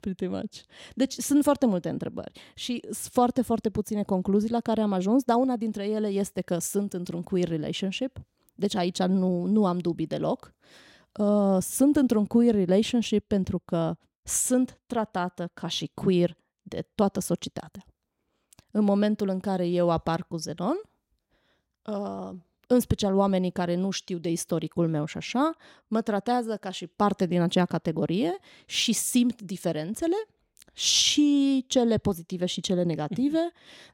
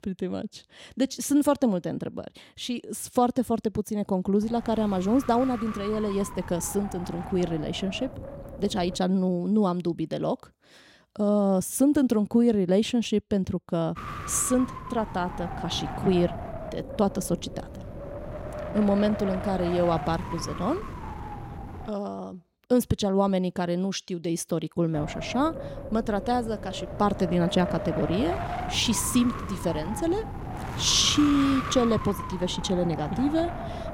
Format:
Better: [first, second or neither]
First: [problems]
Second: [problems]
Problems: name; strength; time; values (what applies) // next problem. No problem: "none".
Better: first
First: none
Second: wind noise on the microphone; heavy; from 4.5 to 9 s, from 14 to 22 s and from 25 s on; 7 dB below the speech